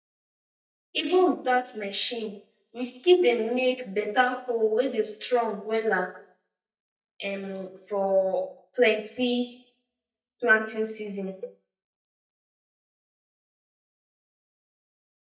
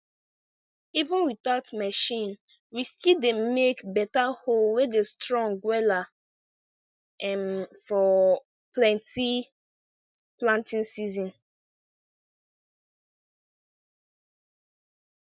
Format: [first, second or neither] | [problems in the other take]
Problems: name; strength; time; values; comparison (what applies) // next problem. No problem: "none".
second | noise reduction (neural mask model DeepFilterNet 3)